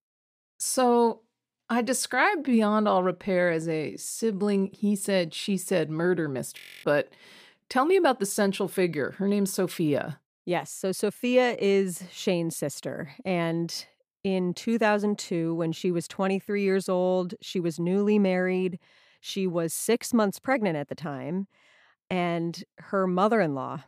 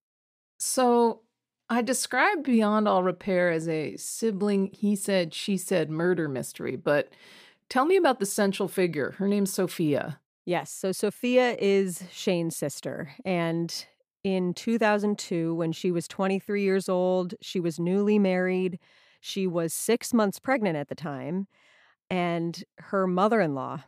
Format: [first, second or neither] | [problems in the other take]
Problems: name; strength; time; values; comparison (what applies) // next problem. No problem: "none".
second | audio freezing; at 6.5 s